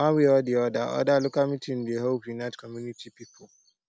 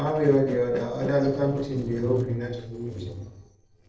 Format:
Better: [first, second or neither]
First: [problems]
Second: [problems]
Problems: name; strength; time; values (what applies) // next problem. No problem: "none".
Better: first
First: none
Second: noise reduction (neural separator model SepFormer DNS4)